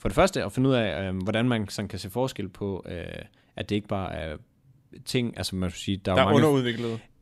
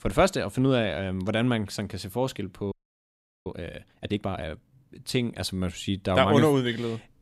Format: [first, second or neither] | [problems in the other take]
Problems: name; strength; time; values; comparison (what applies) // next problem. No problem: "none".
first | audio freezing; at 2.5 s for 0.5 s